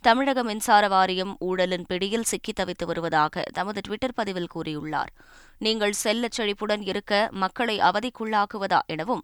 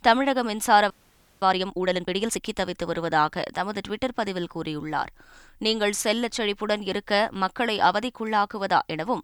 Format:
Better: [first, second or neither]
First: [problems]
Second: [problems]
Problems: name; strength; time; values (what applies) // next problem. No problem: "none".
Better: first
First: none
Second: audio freezing; at 1 s for 0.5 s